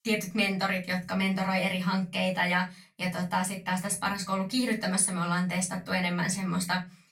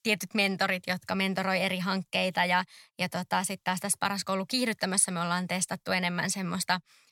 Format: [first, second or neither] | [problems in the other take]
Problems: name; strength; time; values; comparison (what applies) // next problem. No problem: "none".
second | off-mic speech; far // room echo; very slight; dies away in 0.3 s